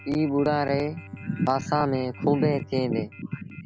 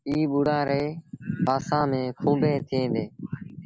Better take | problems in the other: second | background sound (Telephone + Bowed string instrument); 19 dB below the speech

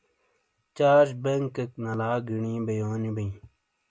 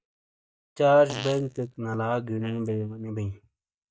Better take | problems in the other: first | noise reduction (neural mask model DeepFilterNet 3)

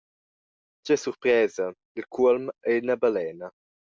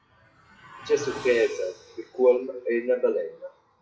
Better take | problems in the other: first | noise reduction (classical method WPE with log-MMSE)

